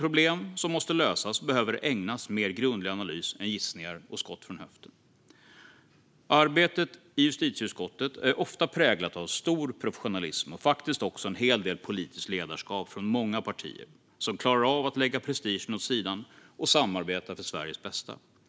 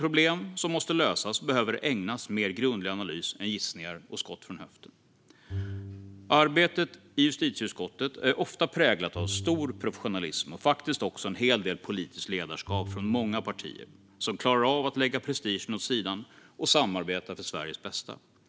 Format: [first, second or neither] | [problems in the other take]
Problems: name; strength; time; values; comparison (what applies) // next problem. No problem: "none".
first | background sound (Bowed string instrument); 14 dB below the speech